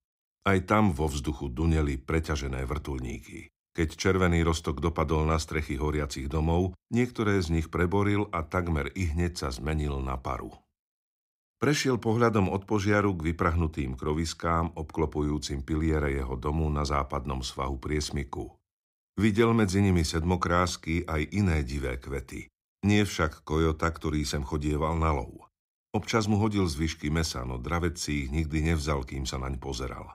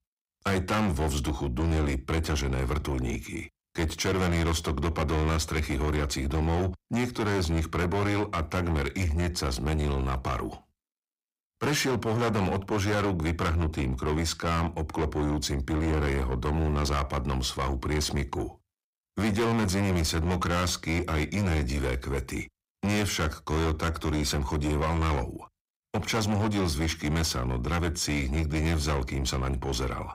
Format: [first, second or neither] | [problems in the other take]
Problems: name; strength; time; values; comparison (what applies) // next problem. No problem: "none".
first | distortion; heavy; 6 dB below the speech